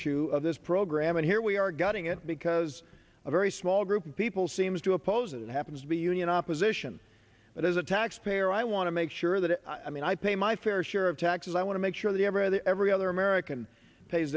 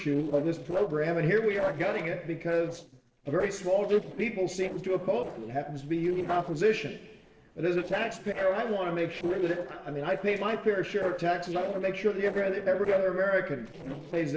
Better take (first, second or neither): first